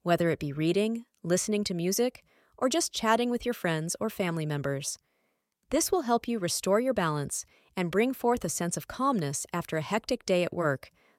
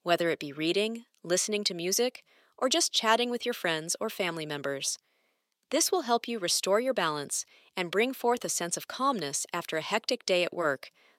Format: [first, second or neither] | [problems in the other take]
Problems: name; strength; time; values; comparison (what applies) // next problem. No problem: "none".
first | thin; very slightly; fading below 300 Hz